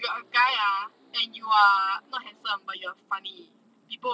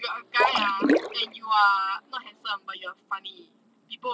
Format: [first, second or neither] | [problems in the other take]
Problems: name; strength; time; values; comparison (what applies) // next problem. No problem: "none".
first | background sound (Splash, splatter); 2 dB above the speech